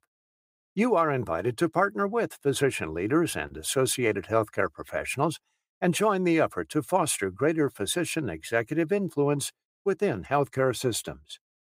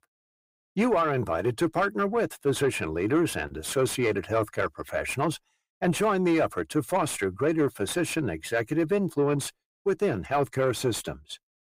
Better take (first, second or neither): first